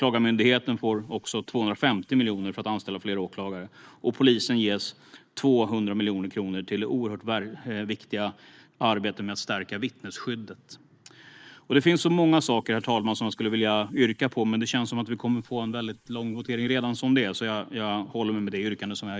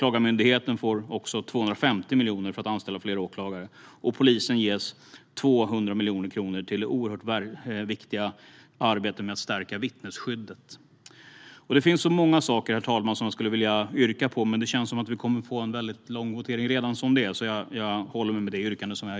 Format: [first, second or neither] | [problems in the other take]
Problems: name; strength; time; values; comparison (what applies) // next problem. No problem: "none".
second | noise reduction (neural mask model Resemble Enhance denoiser)